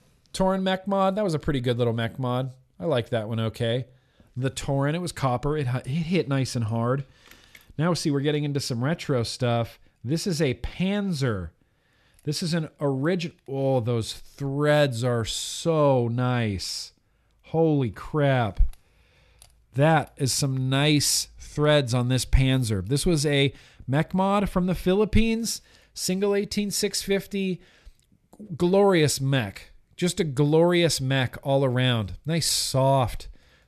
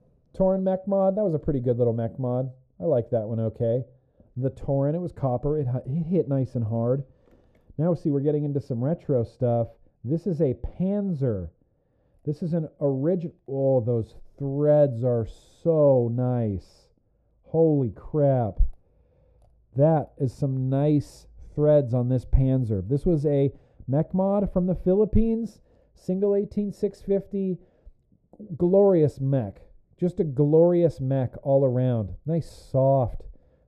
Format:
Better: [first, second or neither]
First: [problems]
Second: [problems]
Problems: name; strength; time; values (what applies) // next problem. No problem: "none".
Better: first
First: none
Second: muffled; very; fading above 1 kHz